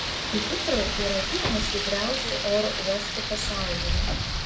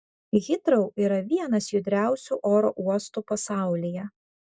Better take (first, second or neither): second